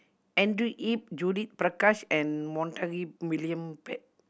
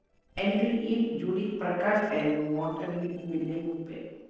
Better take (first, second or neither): first